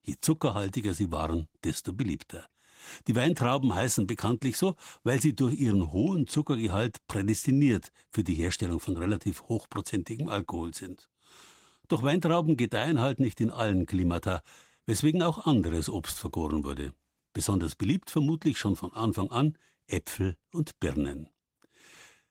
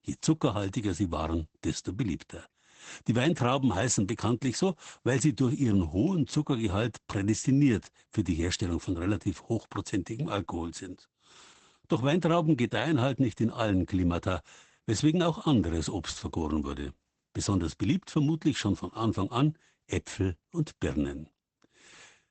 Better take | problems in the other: first | garbled, watery; badly; nothing above 8 kHz; slightly in the first

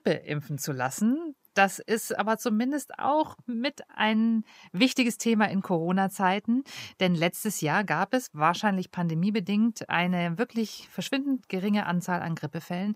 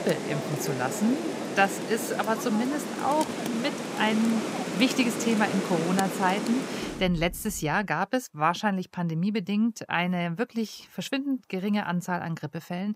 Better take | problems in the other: first | rain or running water; loud; until 7.5 s; 4 dB below the speech

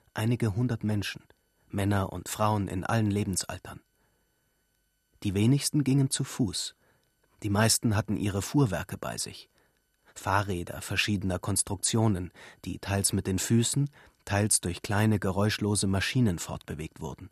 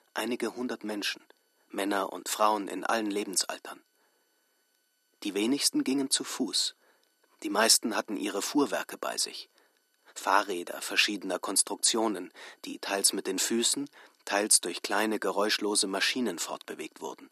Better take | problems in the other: first | thin; somewhat; fading below 250 Hz

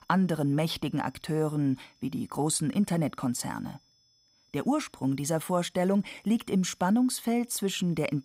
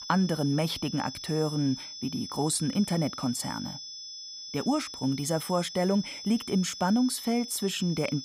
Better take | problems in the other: first | high-pitched whine; loud; throughout; 5 kHz, 9 dB below the speech; faint in the first

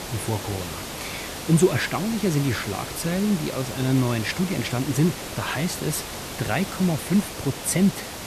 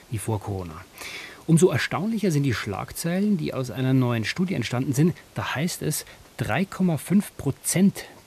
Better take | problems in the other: second | hiss; loud; throughout; 8 dB below the speech; faint in the second

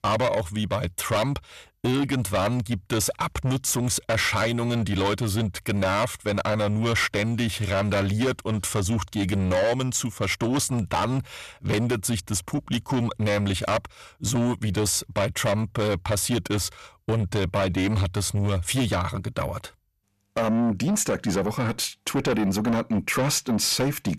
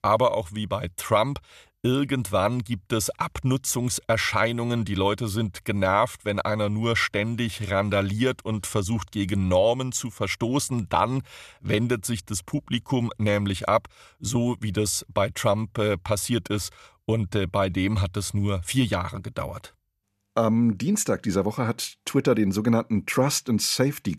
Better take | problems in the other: second | distortion; heavy; 7 dB below the speech

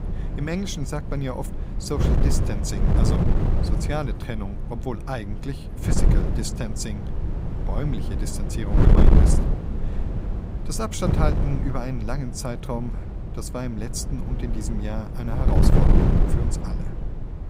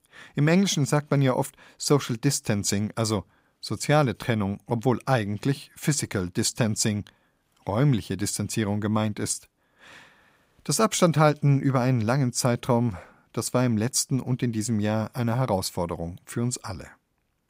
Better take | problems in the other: second | wind noise on the microphone; heavy; as loud as the speech

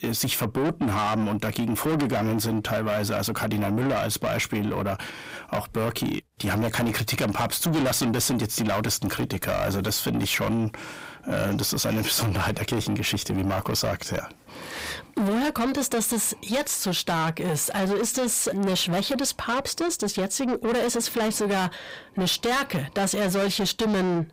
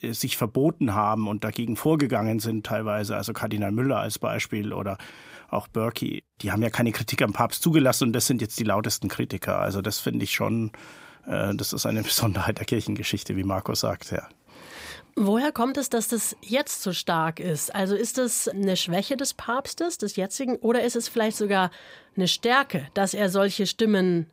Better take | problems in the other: second | distortion; heavy; 6 dB below the speech

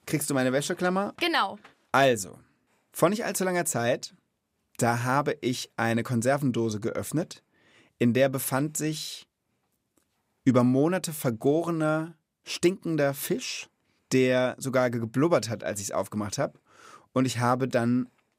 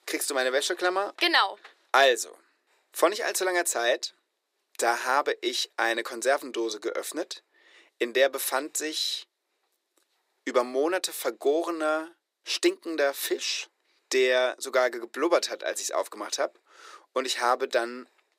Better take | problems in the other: first | thin; very; fading below 350 Hz

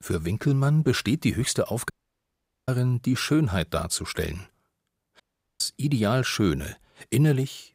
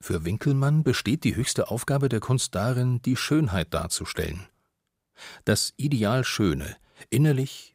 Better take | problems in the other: second | audio cutting out; at 2 s for 1 s and at 5 s

